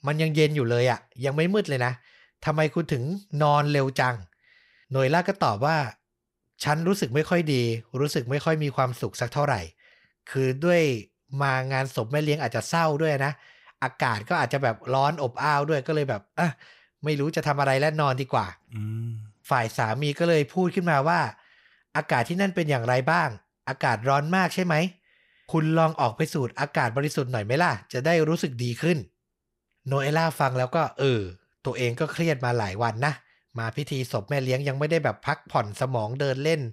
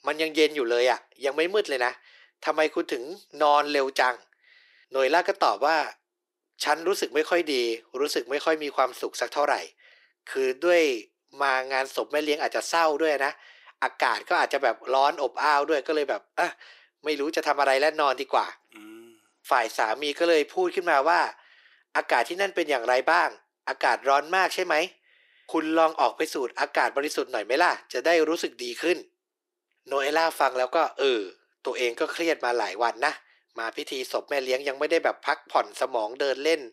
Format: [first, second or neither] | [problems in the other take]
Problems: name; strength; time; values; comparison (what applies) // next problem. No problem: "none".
first | thin; very; fading below 300 Hz